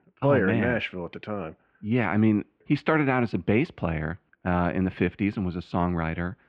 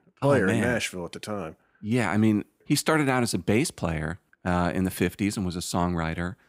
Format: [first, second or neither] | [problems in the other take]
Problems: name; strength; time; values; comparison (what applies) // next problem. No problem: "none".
second | muffled; very; fading above 2.5 kHz